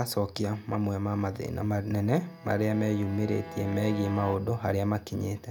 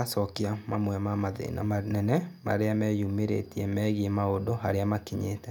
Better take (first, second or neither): second